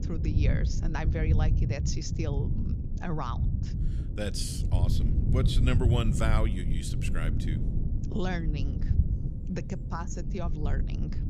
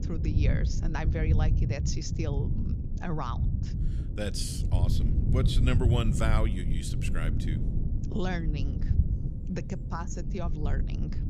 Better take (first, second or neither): neither